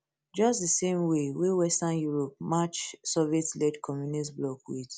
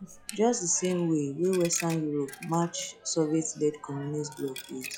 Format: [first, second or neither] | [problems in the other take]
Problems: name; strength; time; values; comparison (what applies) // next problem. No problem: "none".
first | noise reduction (classical method log-MMSE)